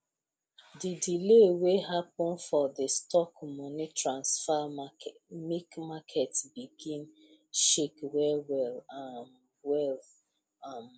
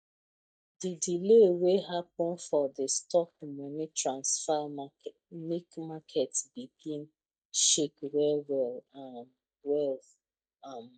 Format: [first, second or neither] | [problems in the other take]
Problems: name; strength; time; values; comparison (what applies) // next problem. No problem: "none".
first | noise reduction (neural mask model DeepFilterNet 3)